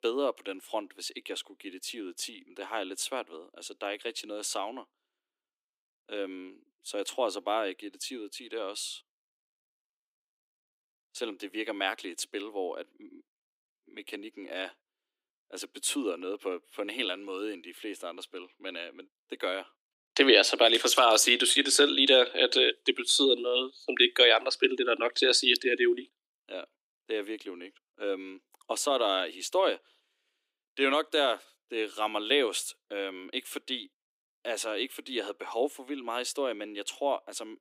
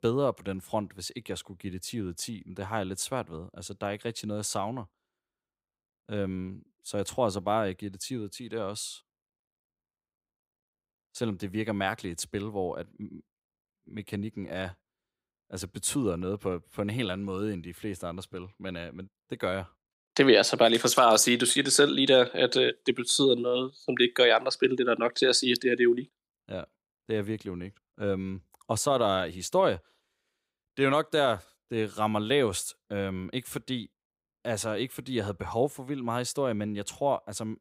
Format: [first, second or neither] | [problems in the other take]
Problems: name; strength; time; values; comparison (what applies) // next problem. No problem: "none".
second | thin; very slightly; fading below 300 Hz